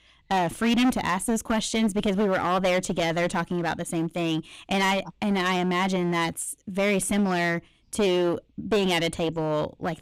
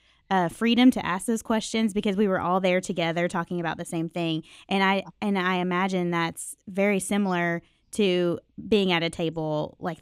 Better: second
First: distortion; heavy; 14% of the sound clipped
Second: none

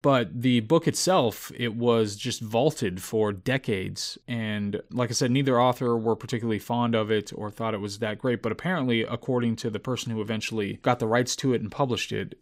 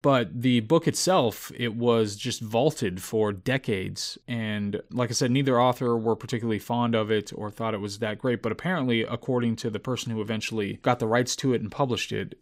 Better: neither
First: none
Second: none

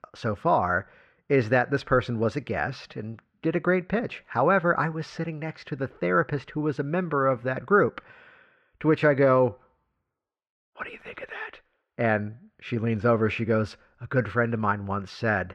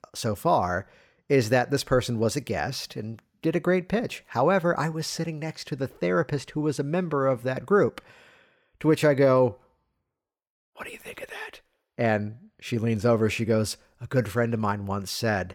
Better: second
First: muffled; slightly; fading above 2.5 kHz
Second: none

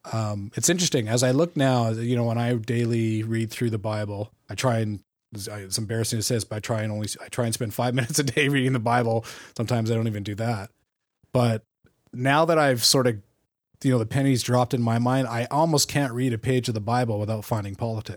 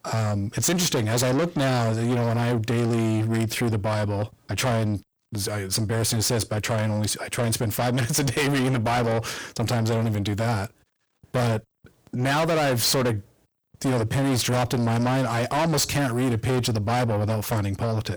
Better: first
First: none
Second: distortion; heavy; 6 dB below the speech

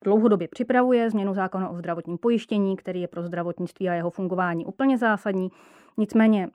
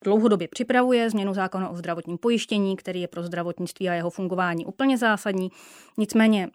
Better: second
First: muffled; slightly; fading above 2.5 kHz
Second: none

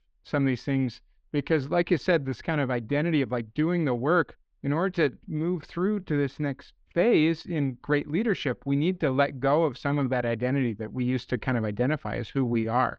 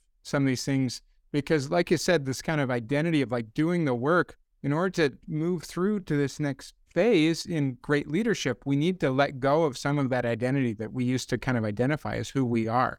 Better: second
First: muffled; slightly; fading above 3.5 kHz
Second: none

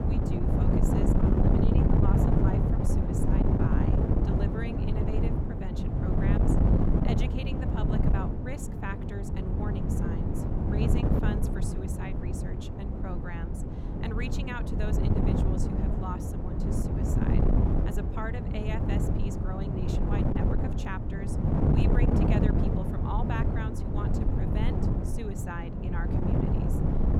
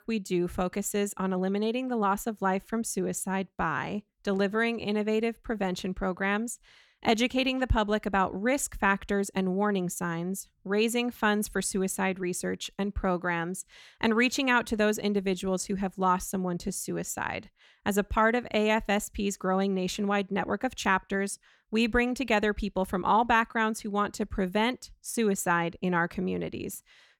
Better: second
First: wind noise on the microphone; heavy; 5 dB above the speech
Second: none

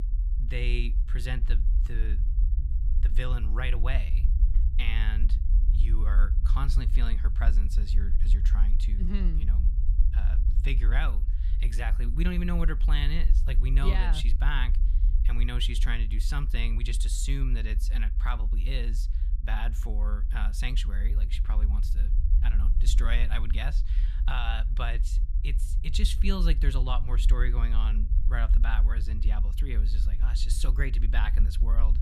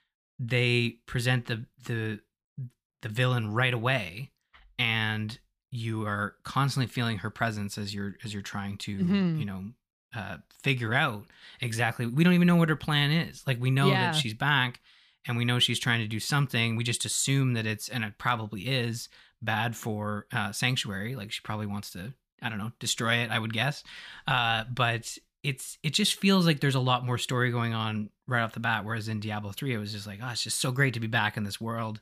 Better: second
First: low rumble; noticeable; throughout; 10 dB below the speech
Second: none

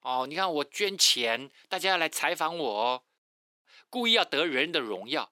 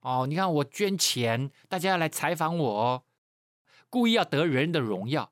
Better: second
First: thin; somewhat; fading below 300 Hz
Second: none

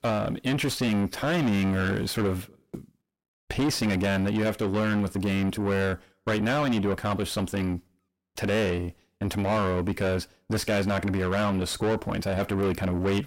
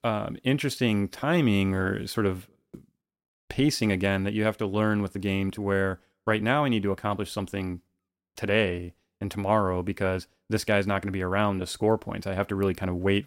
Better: second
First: distortion; heavy; 5 dB below the speech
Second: none

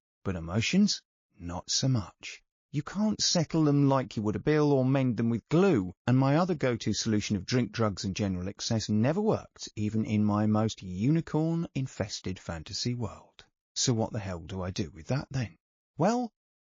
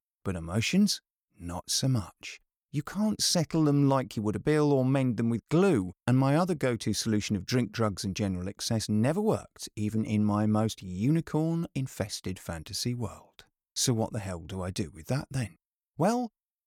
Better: second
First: garbled, watery; slightly; nothing above 7 kHz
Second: none

